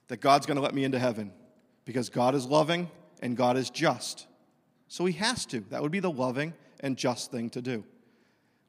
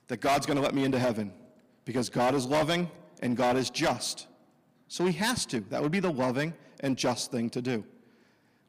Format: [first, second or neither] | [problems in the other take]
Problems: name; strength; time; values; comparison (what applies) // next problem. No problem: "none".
first | distortion; heavy; 8% of the sound clipped